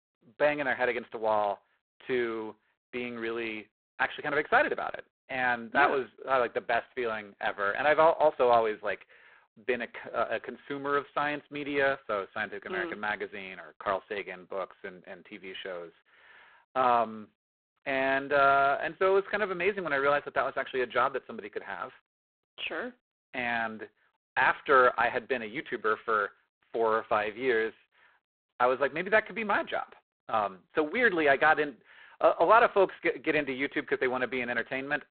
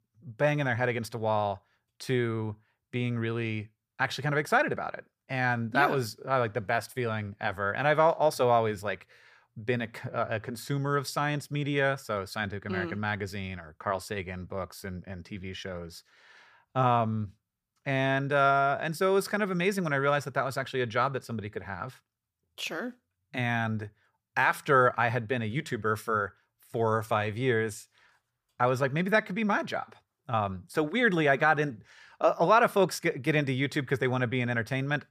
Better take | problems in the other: second | phone-call audio; poor line; nothing above 4 kHz

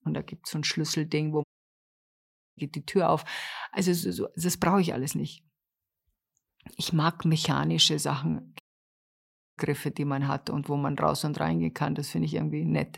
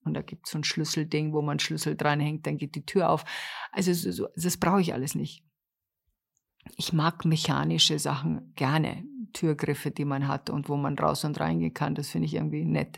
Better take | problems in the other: second | audio cutting out; at 1.5 s for 1 s and at 8.5 s for 1 s

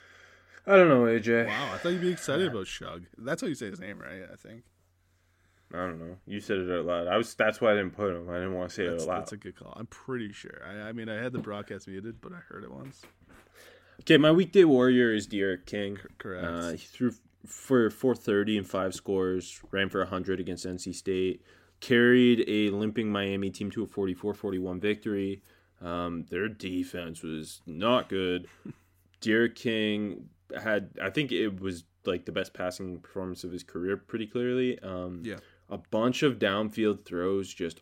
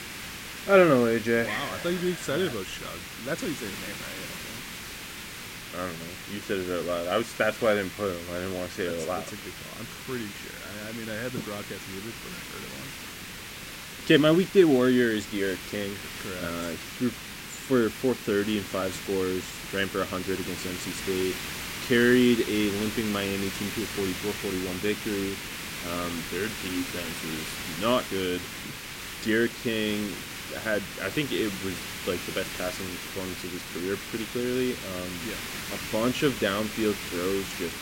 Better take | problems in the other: first | hiss; loud; throughout; 8 dB below the speech

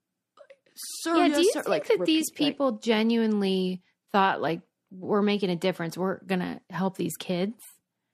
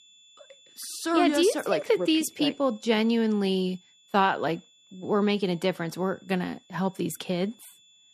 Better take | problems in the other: first | high-pitched whine; faint; throughout; 3.5 kHz, 30 dB below the speech

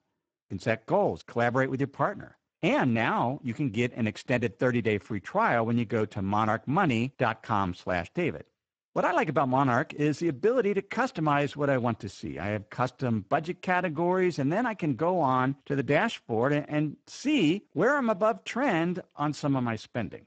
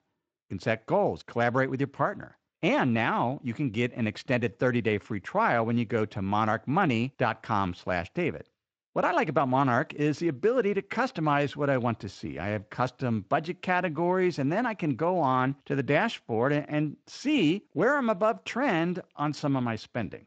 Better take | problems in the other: second | garbled, watery; badly; nothing above 7.5 kHz; slightly in the second

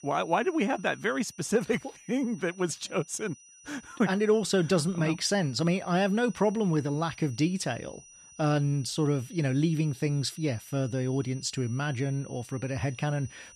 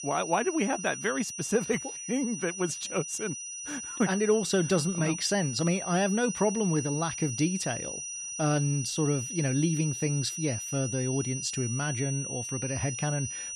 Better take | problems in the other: first | high-pitched whine; loud; throughout; 6 kHz, 6 dB below the speech; faint in the first

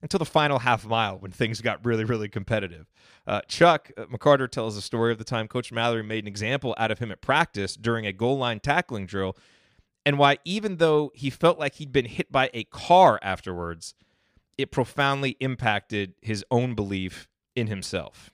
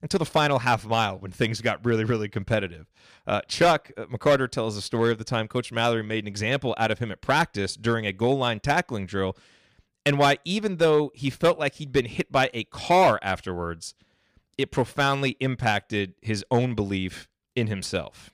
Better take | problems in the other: first | distortion; slight; 2% of the sound clipped

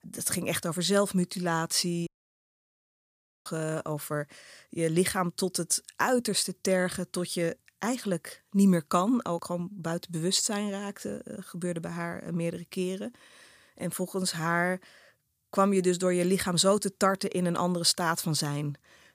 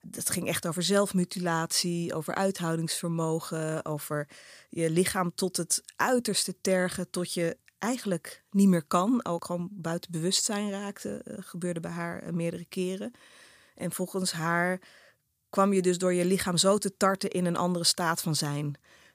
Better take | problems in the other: second | audio cutting out; at 2 s for 1.5 s

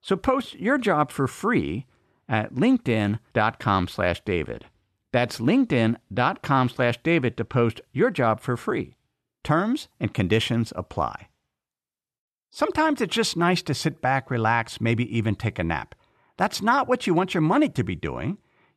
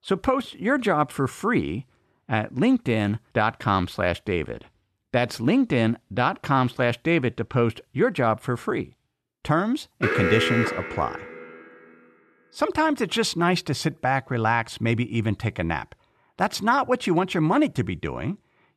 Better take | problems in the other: first | alarm; loud; from 10 to 11 s; peak 1 dB above the speech

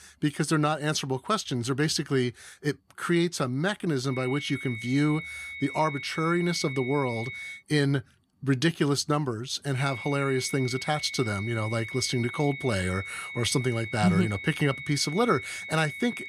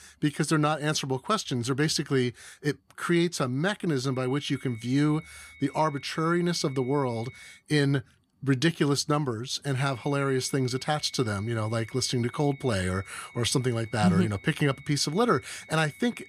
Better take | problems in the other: second | high-pitched whine; loud; from 4 to 7.5 s and from 10 s on; 2 kHz, 9 dB below the speech; faint in the second

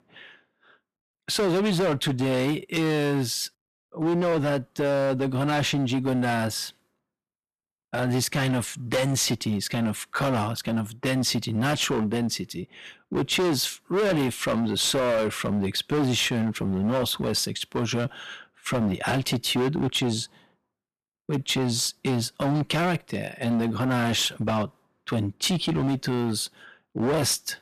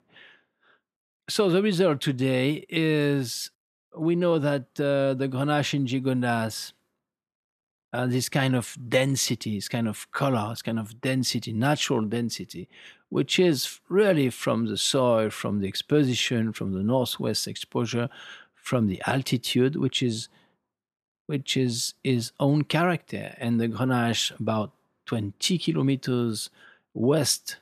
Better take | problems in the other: second | distortion; heavy; 16% of the sound clipped

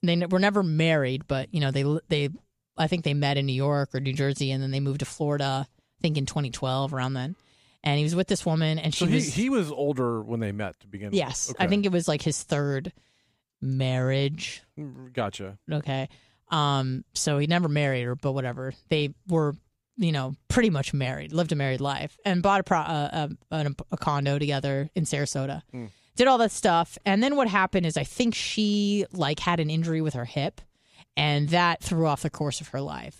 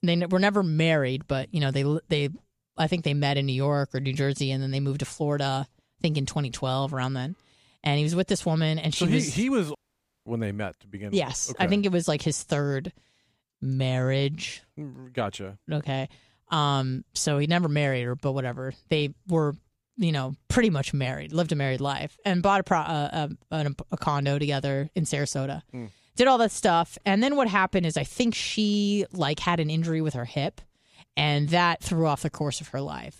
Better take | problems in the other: first | audio cutting out; at 10 s for 0.5 s

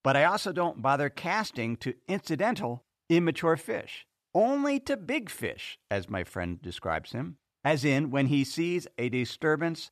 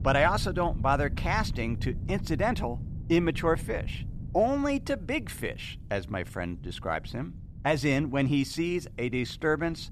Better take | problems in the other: first | wind noise on the microphone; occasional gusts; 20 dB below the speech

